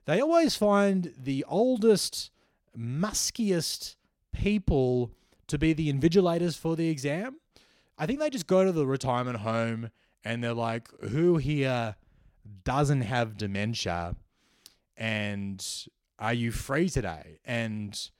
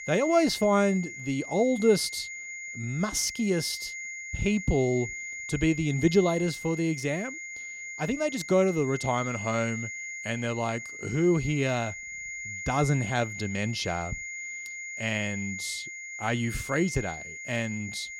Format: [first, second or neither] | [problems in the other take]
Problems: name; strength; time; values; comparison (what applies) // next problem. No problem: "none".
first | high-pitched whine; loud; throughout; 2 kHz, 8 dB below the speech